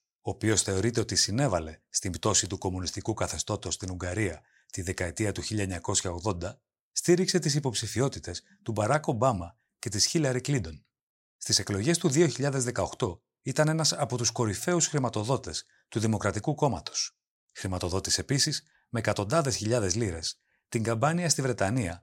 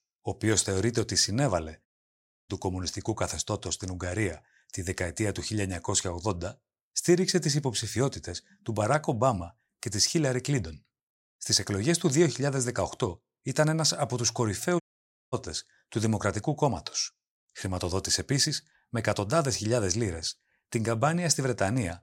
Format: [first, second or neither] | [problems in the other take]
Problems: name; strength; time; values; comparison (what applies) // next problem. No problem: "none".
first | audio cutting out; at 2 s for 0.5 s and at 15 s for 0.5 s